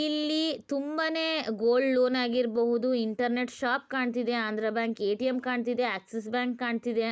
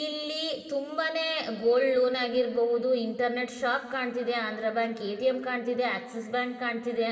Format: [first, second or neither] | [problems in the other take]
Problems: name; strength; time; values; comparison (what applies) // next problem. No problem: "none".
first | room echo; dies away in 2.3 s